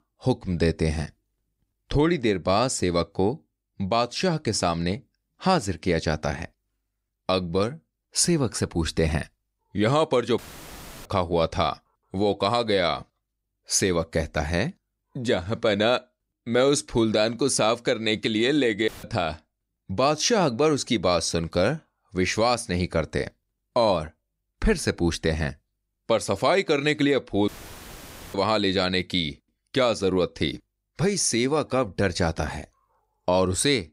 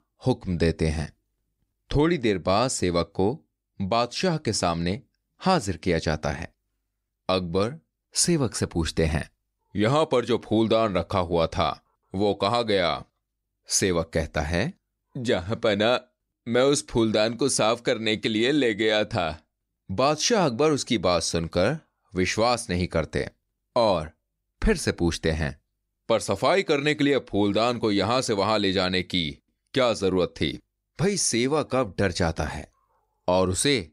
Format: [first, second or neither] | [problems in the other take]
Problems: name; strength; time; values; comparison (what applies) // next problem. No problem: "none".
second | audio cutting out; filled with static; at 10 s for 0.5 s, at 19 s and at 27 s for 1 s